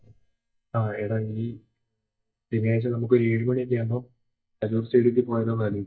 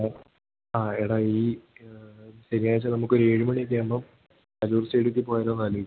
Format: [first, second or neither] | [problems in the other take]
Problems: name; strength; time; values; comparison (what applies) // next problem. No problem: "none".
second | noise reduction (neural mask model DeepFilterNet 3)